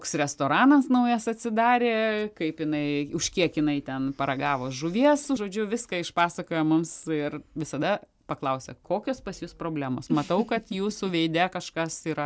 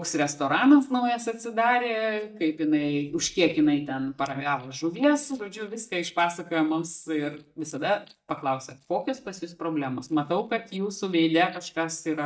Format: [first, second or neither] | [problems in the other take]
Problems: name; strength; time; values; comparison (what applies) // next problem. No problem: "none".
first | noise reduction (neural mask model DeepFilterNet 3)